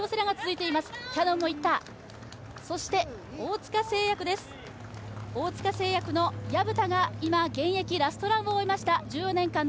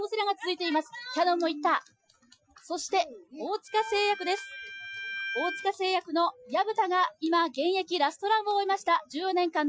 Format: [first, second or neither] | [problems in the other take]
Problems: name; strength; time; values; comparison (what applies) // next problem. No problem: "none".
first | noise reduction (classical method Wiener filter)